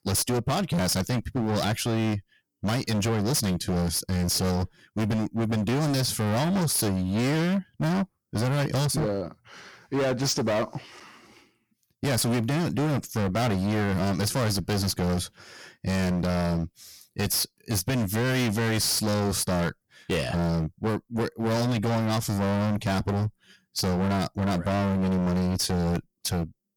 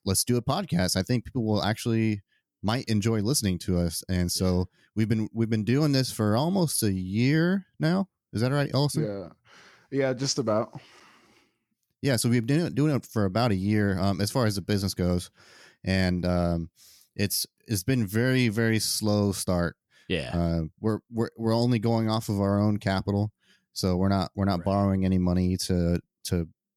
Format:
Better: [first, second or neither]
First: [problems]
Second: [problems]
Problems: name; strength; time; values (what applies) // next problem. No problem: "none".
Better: second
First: distortion; heavy; 30% of the sound clipped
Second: none